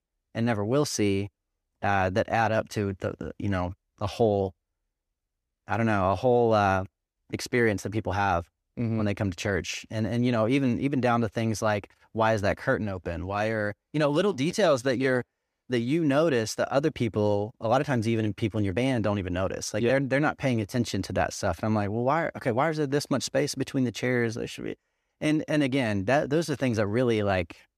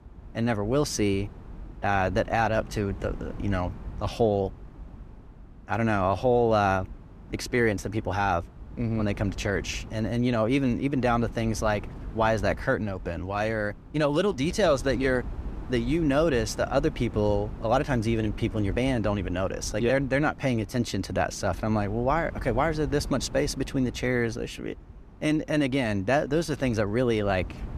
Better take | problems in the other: first | wind noise on the microphone; occasional gusts; 25 dB below the speech

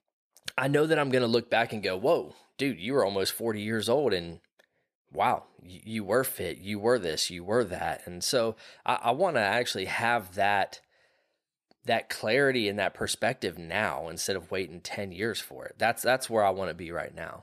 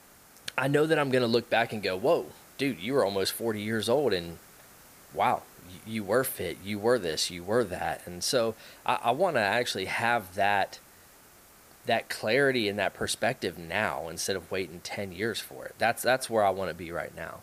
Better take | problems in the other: first | hiss; faint; throughout; 25 dB below the speech

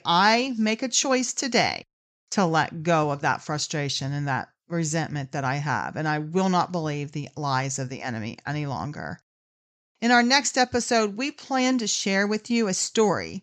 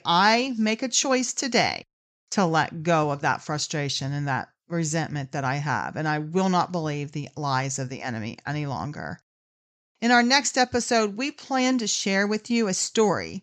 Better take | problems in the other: neither | none

